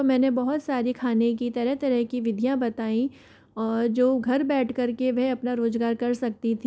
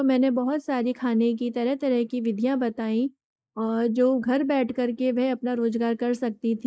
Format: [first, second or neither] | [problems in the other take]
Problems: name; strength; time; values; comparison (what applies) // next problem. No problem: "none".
first | noise reduction (neural mask model Resemble Enhance denoiser)